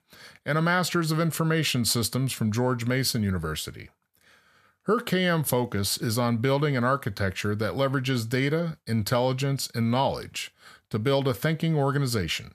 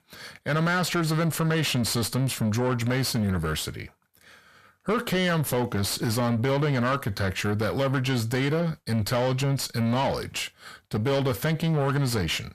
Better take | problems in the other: first | distortion; slight; 10 dB below the speech

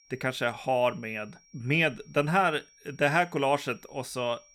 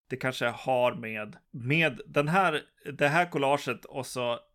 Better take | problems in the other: second | high-pitched whine; faint; throughout; 5.5 kHz, 30 dB below the speech

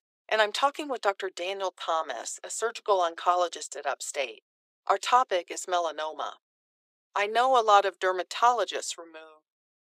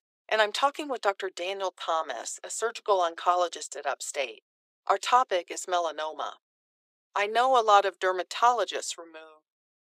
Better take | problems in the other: neither | thin; very; fading below 400 Hz; the same in both

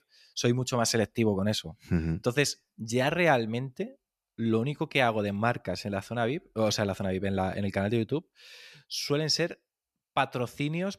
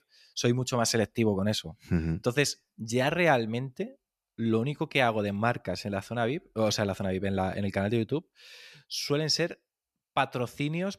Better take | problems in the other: neither | none

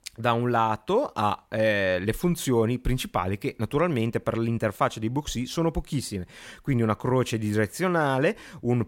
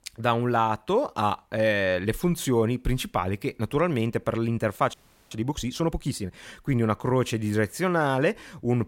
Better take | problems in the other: first | audio freezing; at 5 s

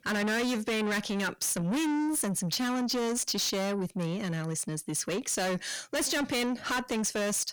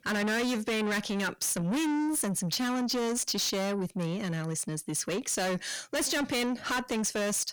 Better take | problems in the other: neither | distortion; heavy; 5 dB below the speech; the same in both

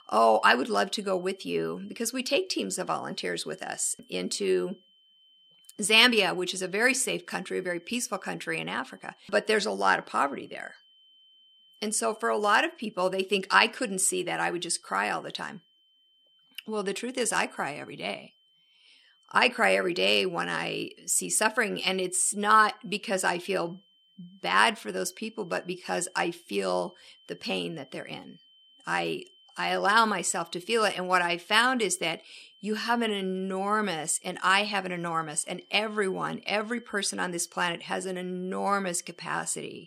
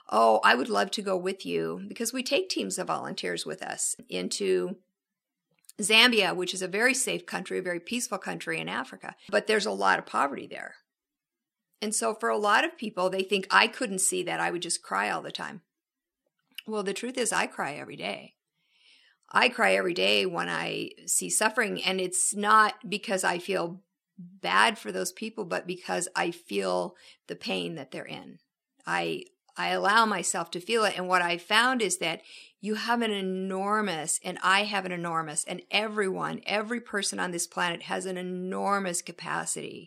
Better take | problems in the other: second | high-pitched whine; faint; throughout; 3 kHz, 30 dB below the speech

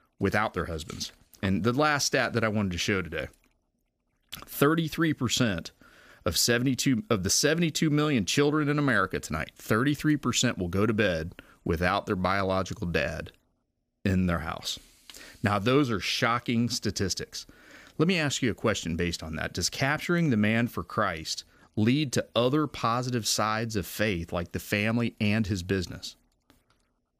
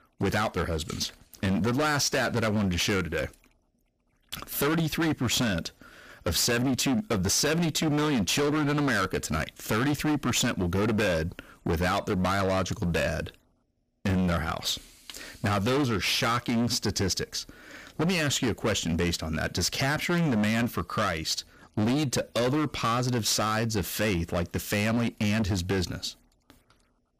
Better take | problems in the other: first | distortion; heavy; 20% of the sound clipped

